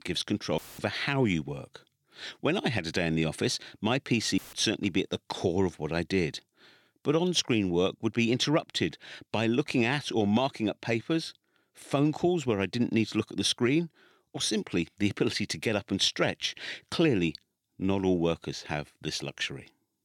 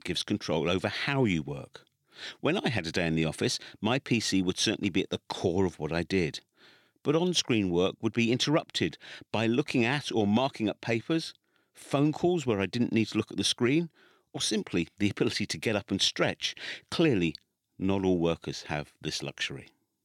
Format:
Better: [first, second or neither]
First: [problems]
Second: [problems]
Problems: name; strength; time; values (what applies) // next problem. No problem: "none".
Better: second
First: audio cutting out; filled with static; at 0.5 s and at 4.5 s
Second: none